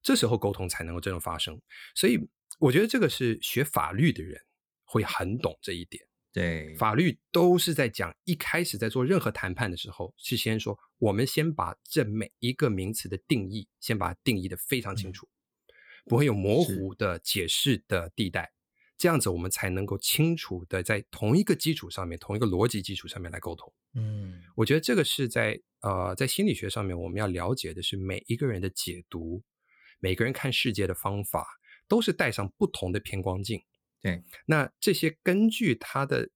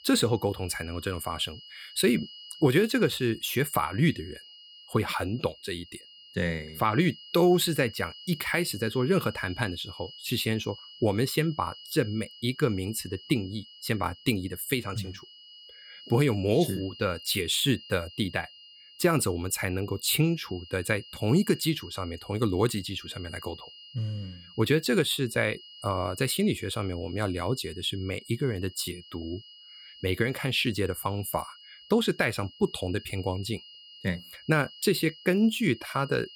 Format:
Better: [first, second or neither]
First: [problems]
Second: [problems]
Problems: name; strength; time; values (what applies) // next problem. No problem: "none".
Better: first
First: none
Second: high-pitched whine; noticeable; throughout; 3 kHz, 20 dB below the speech